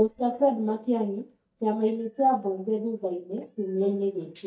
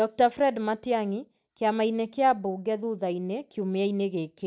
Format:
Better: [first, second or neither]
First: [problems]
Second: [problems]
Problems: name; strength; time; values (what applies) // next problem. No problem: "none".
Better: second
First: noise reduction (neural mask model DeepFilterNet 3)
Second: none